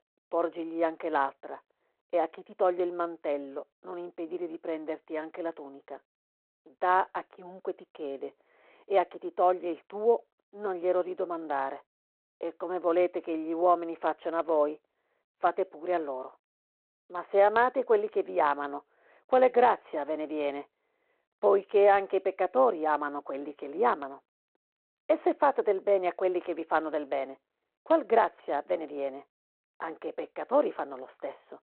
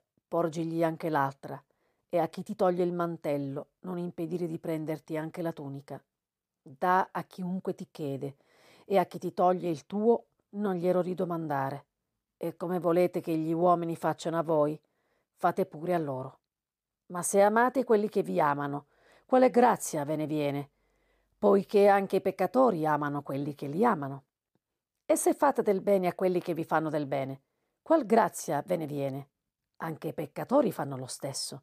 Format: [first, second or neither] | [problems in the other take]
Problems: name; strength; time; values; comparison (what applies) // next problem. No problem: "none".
second | phone-call audio; nothing above 4 kHz